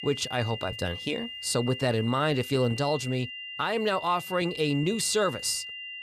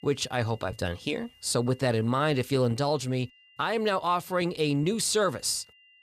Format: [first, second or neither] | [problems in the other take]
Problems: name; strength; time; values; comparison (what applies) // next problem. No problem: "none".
second | high-pitched whine; loud; throughout; 3 kHz, 9 dB below the speech; faint in the second